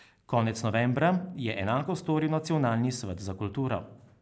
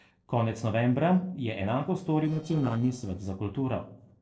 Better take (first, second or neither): first